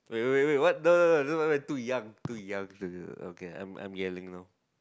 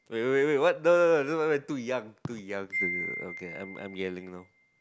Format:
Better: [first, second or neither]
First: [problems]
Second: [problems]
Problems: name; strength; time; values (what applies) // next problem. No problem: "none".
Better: first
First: none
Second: background sound (Wind chime); 12 dB below the speech